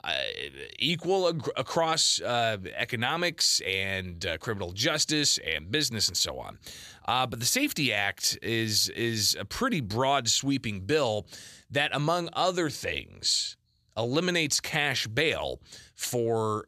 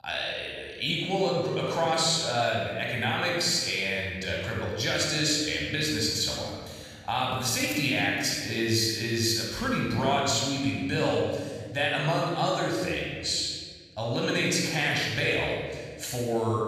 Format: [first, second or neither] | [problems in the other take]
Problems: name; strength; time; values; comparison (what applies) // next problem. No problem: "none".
first | off-mic speech; far // room echo; strong; dies away in 1.6 s